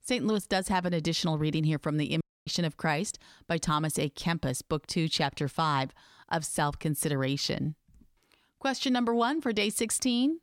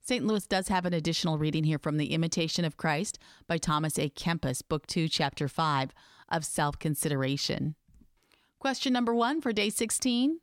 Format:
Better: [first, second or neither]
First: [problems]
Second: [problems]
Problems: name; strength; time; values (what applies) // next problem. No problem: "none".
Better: second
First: audio cutting out; at 2 s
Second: none